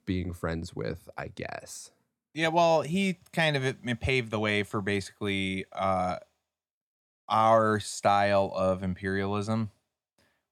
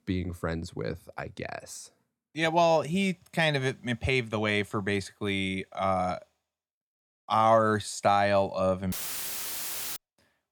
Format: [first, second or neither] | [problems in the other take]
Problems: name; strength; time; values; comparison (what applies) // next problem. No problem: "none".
first | audio cutting out; filled with static; at 9 s for 1 s